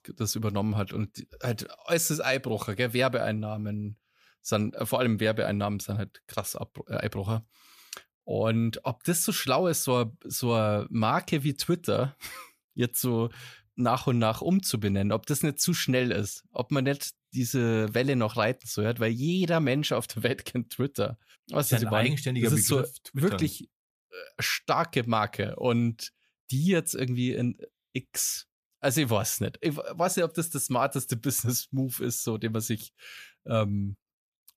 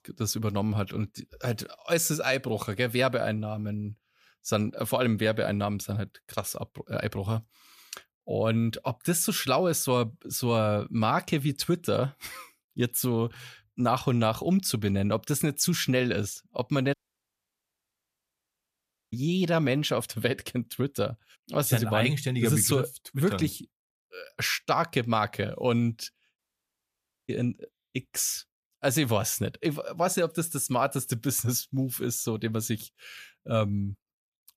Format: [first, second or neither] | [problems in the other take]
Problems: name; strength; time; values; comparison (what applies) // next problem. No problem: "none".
first | audio cutting out; at 17 s for 2 s and at 26 s for 1 s